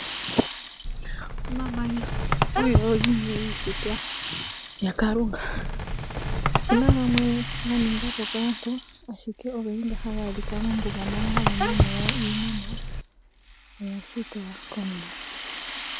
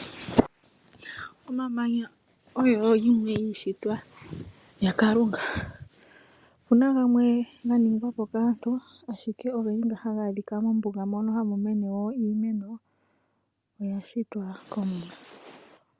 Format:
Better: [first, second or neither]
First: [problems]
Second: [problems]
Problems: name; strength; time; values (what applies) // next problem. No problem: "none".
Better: second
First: background sound (Rattle (instrument) + Squeak); 1 dB above the speech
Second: none